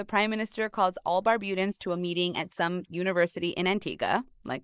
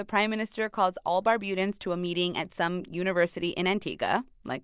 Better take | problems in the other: second | noise reduction (neural mask model Resemble Enhance denoiser)

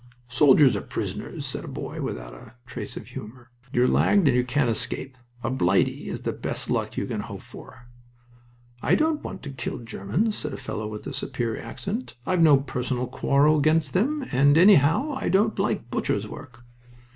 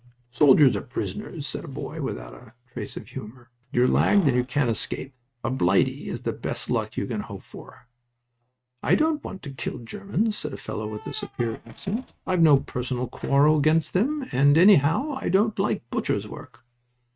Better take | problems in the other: first | noise reduction (neural mask model RNNoise)

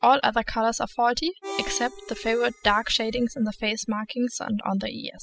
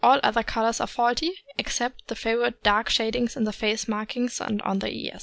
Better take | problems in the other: second | noise reduction (classical method spectral subtraction)

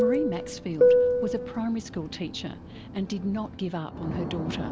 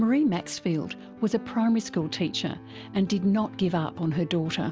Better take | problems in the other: second | background sound (Fixed-wing aircraft, airplane); 4 dB above the speech

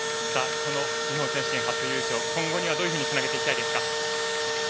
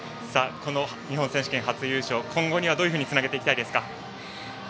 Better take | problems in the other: second | background sound (Engine / Drill); 4 dB above the speech

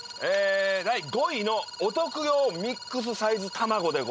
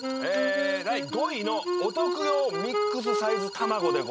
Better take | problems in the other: first | background sound (Wind instrument, woodwind instrument); 2 dB below the speech

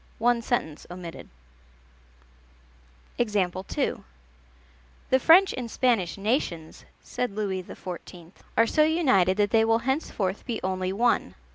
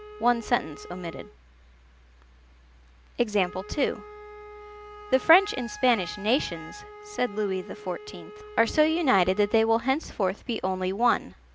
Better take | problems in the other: first | background sound (Wind instrument, woodwind instrument); 18 dB below the speech

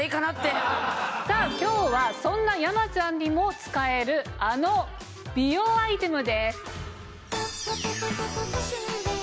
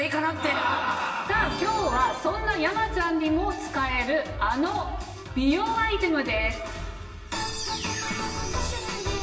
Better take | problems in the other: first | room echo; dies away in 1.1 s

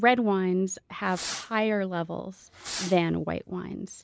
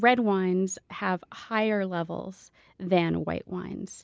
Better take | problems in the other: second | background sound (Fireworks); 13 dB below the speech

